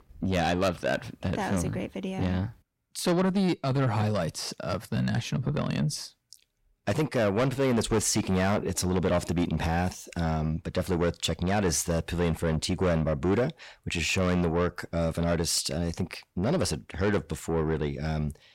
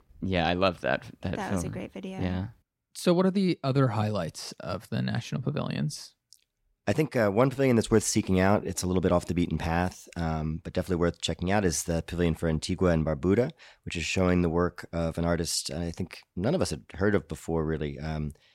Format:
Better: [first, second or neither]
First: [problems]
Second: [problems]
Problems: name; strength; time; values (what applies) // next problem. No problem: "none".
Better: second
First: distortion; heavy; 8 dB below the speech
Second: none